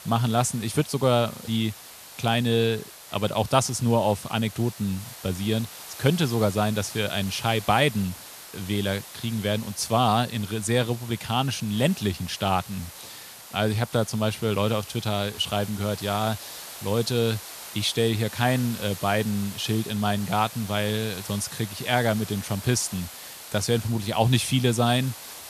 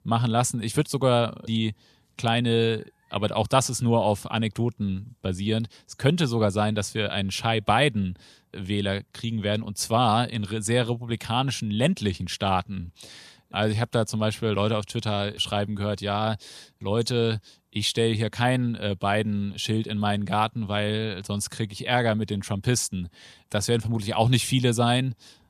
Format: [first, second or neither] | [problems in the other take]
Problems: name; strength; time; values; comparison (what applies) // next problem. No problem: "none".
second | hiss; noticeable; throughout; 15 dB below the speech